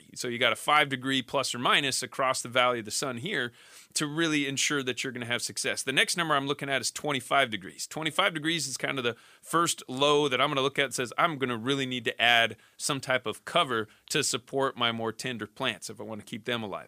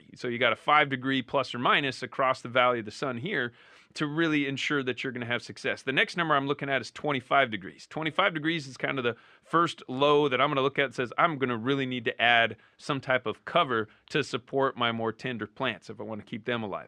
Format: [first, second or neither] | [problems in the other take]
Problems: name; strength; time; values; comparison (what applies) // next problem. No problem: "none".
first | muffled; slightly; fading above 2.5 kHz